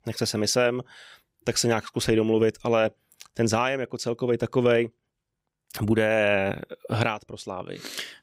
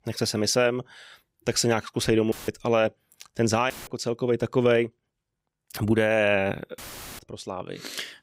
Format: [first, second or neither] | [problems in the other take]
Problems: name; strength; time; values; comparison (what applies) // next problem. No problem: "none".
first | audio cutting out; filled with static; at 2.5 s, at 3.5 s and at 7 s